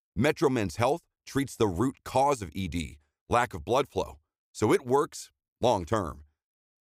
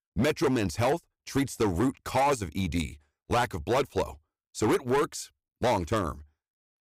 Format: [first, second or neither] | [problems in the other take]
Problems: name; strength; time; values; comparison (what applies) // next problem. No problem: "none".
first | distortion; heavy; 9% of the sound clipped